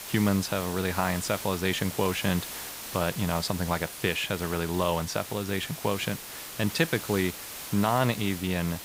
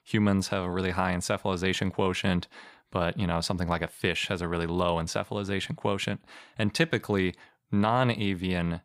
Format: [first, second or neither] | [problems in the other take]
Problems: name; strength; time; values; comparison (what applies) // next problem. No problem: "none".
second | hiss; loud; throughout; 9 dB below the speech